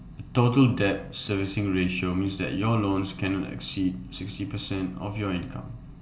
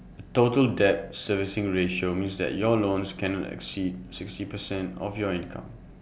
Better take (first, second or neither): second